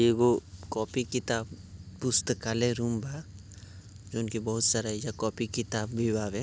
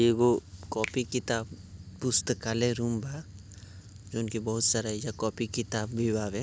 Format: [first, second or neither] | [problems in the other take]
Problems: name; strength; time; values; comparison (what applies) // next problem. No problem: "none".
first | background sound (Finger snapping); 17 dB below the speech